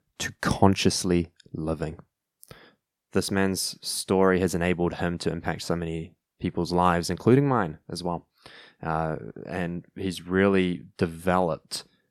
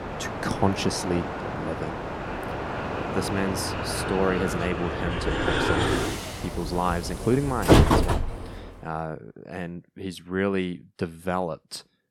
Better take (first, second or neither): first